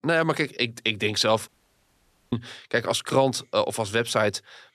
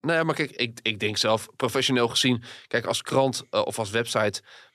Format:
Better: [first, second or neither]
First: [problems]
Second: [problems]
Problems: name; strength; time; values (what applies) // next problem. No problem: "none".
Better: second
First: audio cutting out; at 1.5 s for 1 s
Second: none